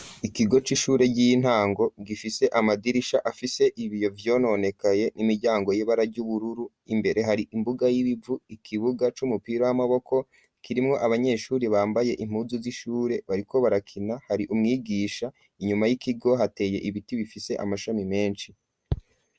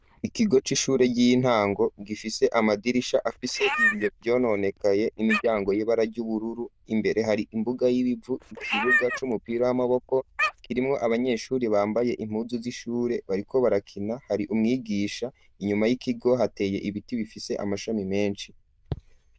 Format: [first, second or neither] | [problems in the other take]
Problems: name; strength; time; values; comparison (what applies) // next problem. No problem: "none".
first | noise reduction (neural diffusion model UNIVERSE++)